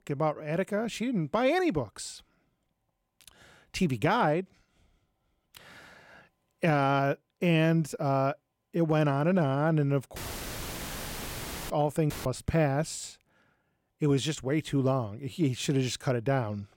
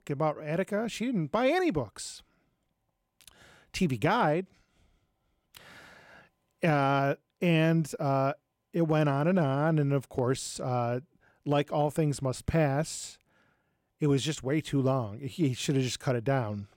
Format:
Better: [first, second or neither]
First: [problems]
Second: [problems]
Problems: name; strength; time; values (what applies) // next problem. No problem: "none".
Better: second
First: audio cutting out; filled with static; at 10 s for 1.5 s and at 12 s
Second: none